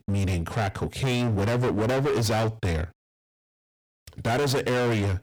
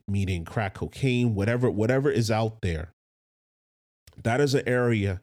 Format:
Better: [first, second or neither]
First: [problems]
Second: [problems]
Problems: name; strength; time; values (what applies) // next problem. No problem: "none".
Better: second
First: distortion; heavy; 29% of the sound clipped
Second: none